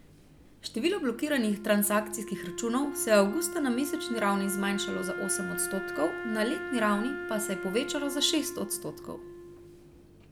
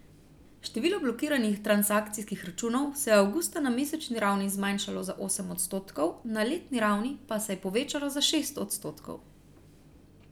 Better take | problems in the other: second | background sound (Wind instrument, woodwind instrument); 9 dB below the speech

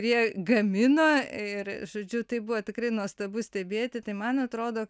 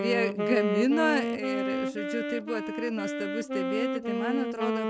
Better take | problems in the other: first | background sound (Wind instrument, woodwind instrument); as loud as the speech

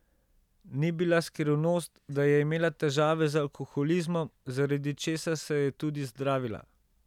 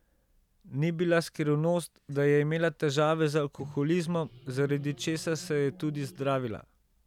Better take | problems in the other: first | background sound (Microwave oven); 18 dB below the speech

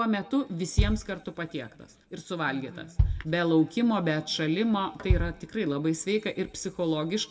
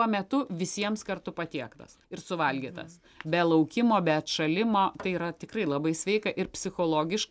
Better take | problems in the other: second | background sound (Bass drum); 4 dB below the speech // room echo; dies away in 0.7 s

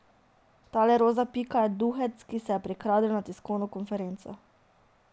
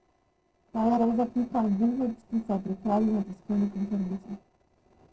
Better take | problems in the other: first | noise reduction (neural separator model SepFormer DNS4)

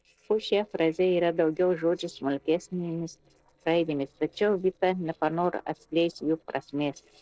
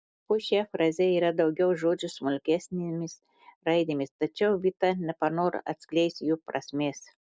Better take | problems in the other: second | noise reduction (neural separator model SepFormer DNS4)

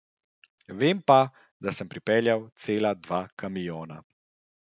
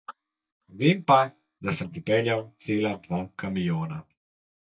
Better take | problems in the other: first | noise reduction (neural mask model DeepFilterNet 3)

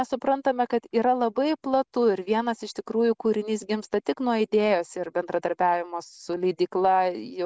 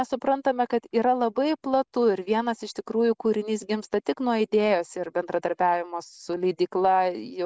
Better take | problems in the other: first | noise reduction (neural mask model Resemble Enhance denoiser)

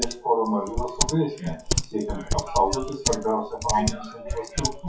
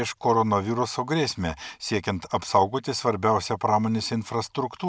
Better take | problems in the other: second | noise reduction (classical method WPE with log-MMSE)

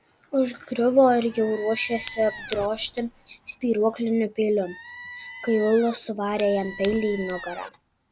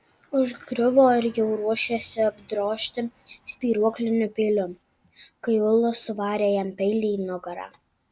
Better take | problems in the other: second | background sound (Fire + Squeak); 15 dB below the speech

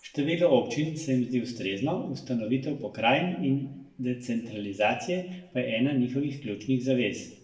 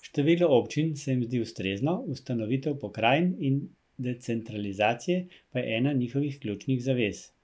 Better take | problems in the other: second | room echo; dies away in 0.7 s

